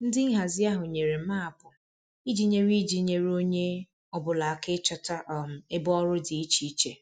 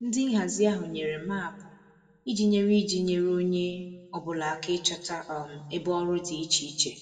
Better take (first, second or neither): first